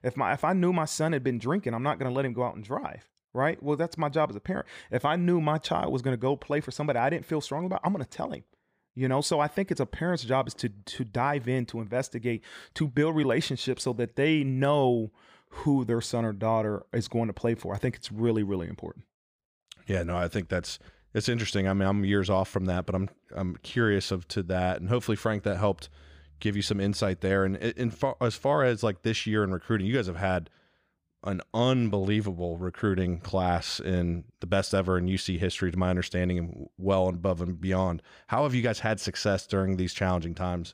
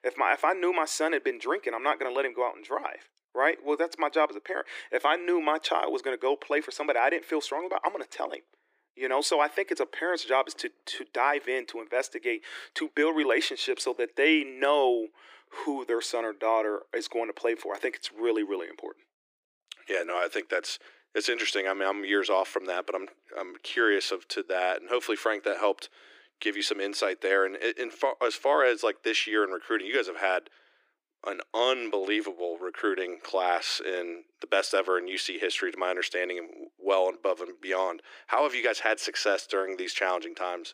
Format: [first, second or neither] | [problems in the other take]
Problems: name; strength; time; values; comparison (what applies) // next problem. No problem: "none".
first | thin; very; fading below 300 Hz